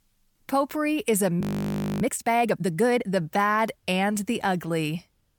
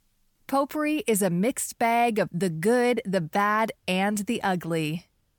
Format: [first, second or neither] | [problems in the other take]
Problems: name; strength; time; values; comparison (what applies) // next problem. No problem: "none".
second | audio freezing; at 1.5 s for 0.5 s